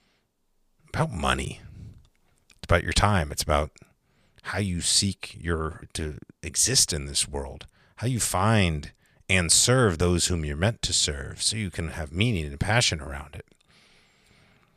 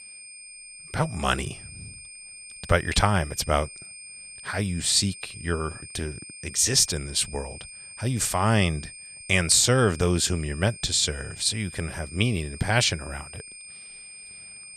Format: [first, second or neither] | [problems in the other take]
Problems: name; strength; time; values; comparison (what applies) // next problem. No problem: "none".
first | high-pitched whine; noticeable; throughout; 2.5 kHz, 15 dB below the speech